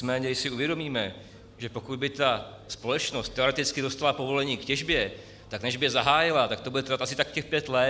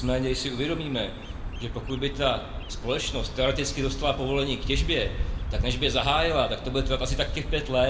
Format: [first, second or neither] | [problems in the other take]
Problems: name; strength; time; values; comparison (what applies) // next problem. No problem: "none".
first | background sound (Bird vocalization, bird call, bird song); 4 dB below the speech // room echo; dies away in 1.3 s